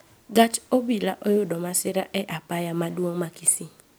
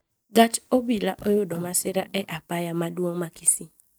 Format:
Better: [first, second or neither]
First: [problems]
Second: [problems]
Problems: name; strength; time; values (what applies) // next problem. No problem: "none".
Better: first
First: none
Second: noise reduction (neural mask model DeepFilterNet 3)